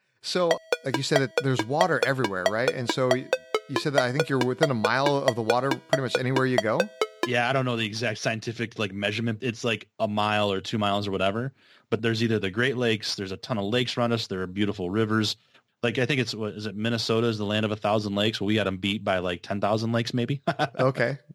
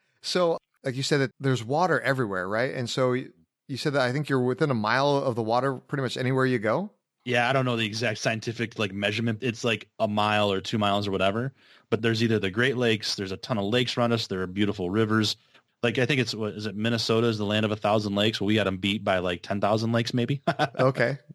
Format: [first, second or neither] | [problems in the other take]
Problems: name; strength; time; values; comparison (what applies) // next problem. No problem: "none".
second | phone ringing; noticeable; until 7.5 s; peak 1 dB below the speech